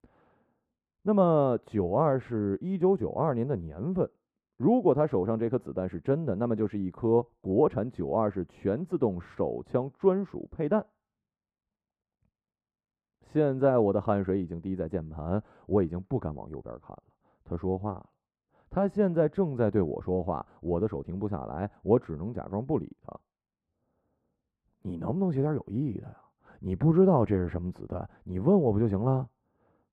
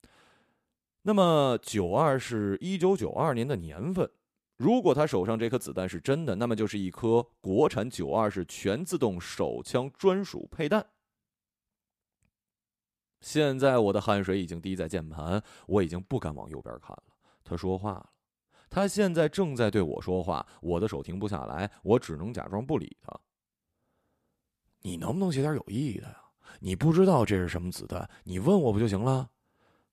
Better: second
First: muffled; very; fading above 2.5 kHz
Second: none

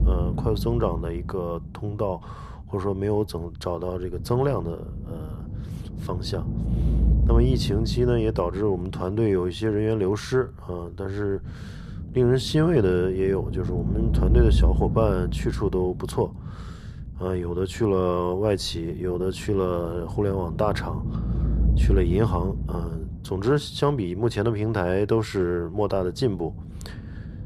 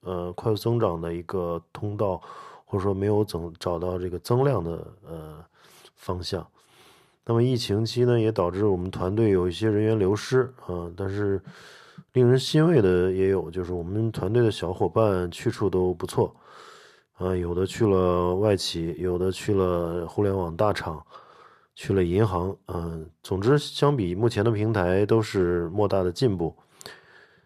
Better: second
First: low rumble; noticeable; throughout; 15 dB below the speech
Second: none

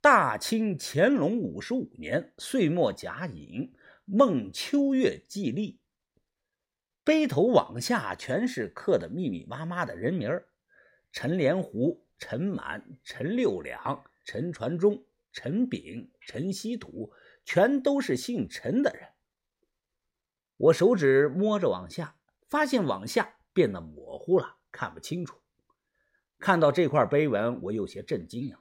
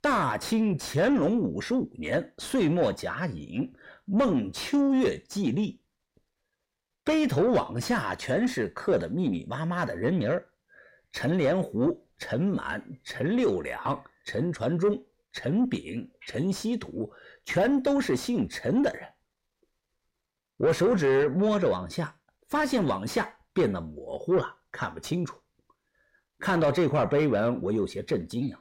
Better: first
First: none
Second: distortion; heavy; 8 dB below the speech

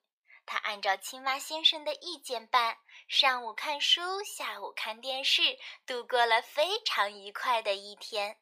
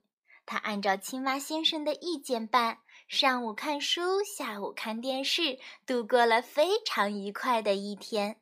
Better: second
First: thin; very; fading below 700 Hz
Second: none

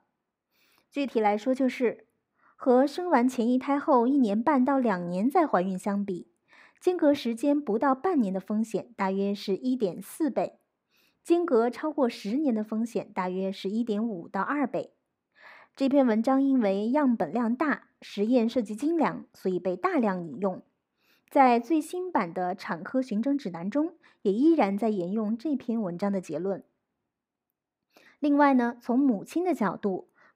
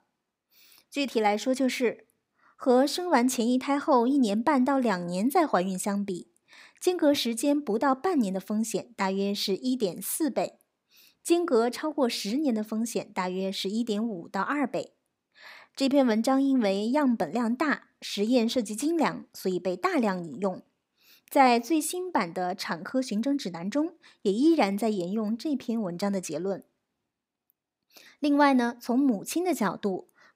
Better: second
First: muffled; slightly; fading above 3 kHz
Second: none

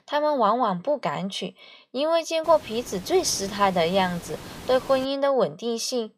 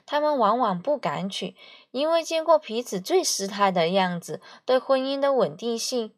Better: second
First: hiss; noticeable; from 2.5 to 5 s; 15 dB below the speech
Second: none

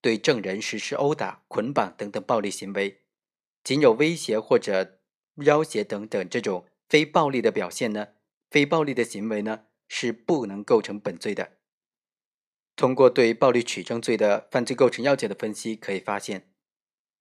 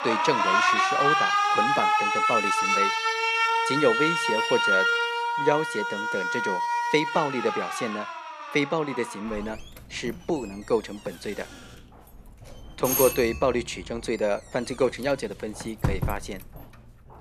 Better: first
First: none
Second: alarms or sirens; very loud; throughout; 4 dB above the speech

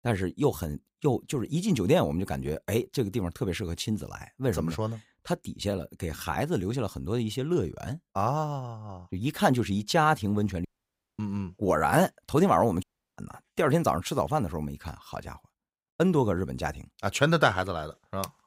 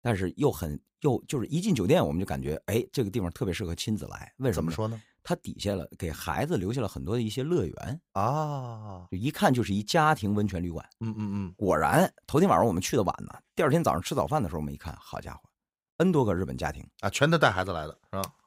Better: second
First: audio cutting out; at 11 s for 0.5 s and at 13 s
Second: none

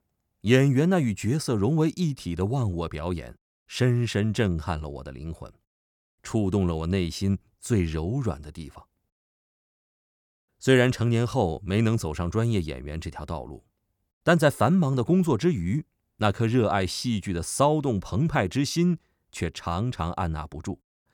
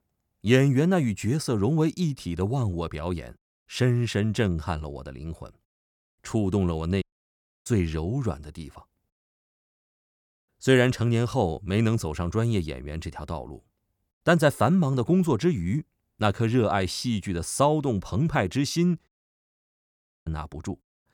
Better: first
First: none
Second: audio cutting out; at 7 s for 0.5 s and at 19 s for 1 s

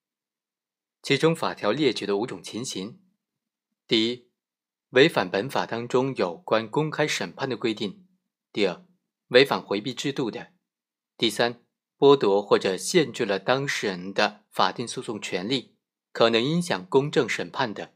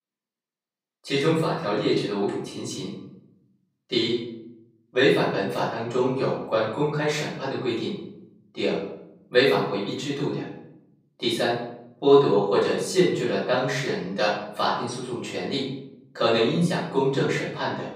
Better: first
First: none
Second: off-mic speech; far // room echo; noticeable; dies away in 0.7 s

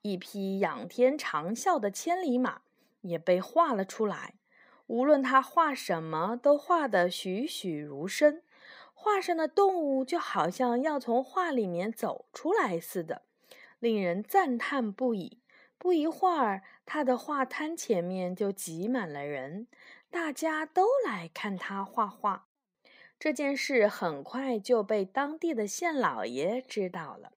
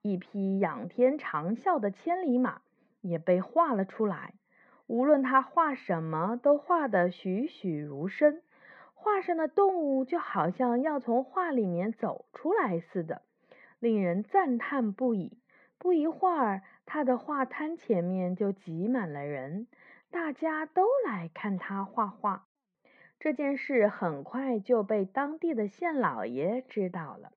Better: first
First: none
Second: muffled; very; fading above 2 kHz

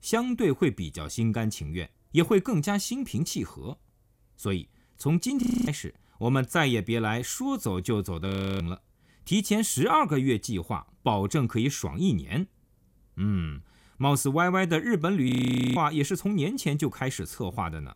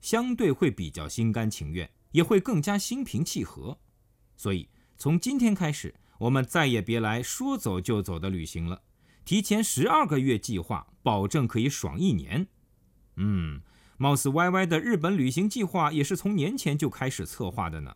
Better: second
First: audio freezing; at 5.5 s, at 8.5 s and at 15 s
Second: none

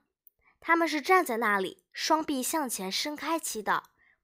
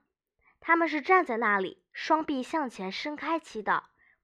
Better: first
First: none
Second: muffled; slightly; fading above 2.5 kHz

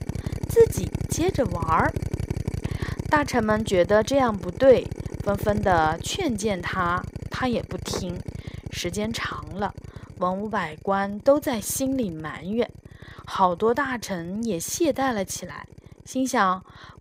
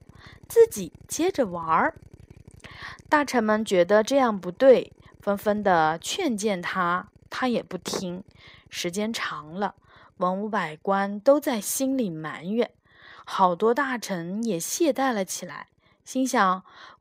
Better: second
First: machinery noise; loud; throughout; 9 dB below the speech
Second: machinery noise; faint; throughout; 30 dB below the speech

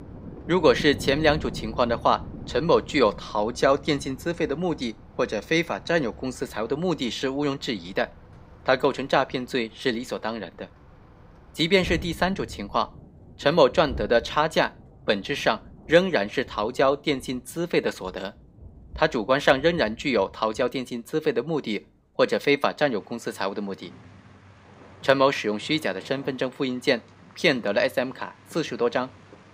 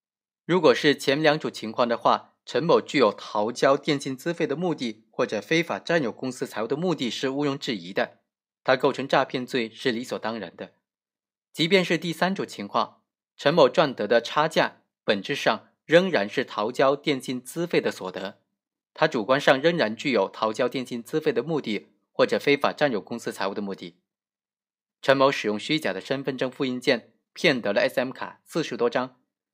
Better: second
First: rain or running water; noticeable; throughout; 20 dB below the speech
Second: none

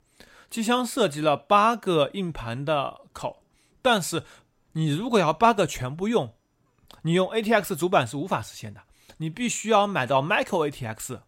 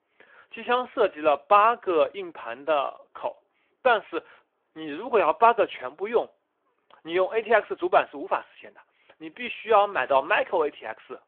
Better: first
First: none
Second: phone-call audio

